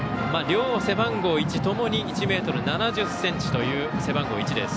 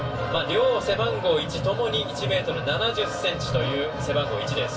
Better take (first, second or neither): first